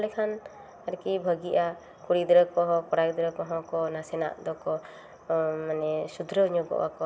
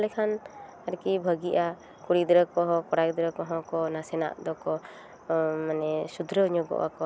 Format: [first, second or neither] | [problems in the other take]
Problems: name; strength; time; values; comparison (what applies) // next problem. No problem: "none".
second | room echo; dies away in 1.1 s